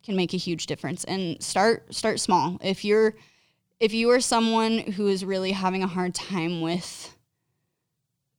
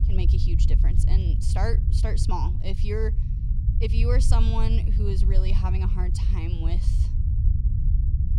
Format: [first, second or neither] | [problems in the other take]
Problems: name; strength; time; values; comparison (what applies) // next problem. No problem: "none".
first | low rumble; loud; throughout; 6 dB below the speech